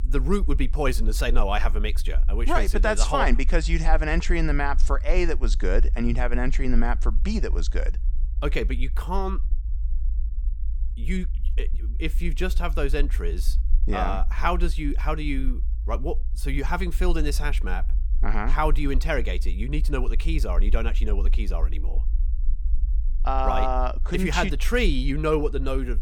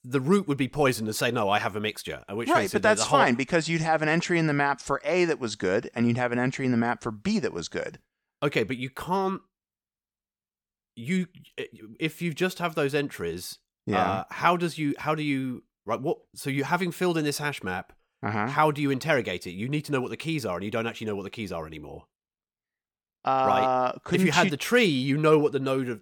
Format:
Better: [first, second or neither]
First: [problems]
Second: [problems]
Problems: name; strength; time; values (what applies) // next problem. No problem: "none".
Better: second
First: low rumble; faint; throughout; 25 dB below the speech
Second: none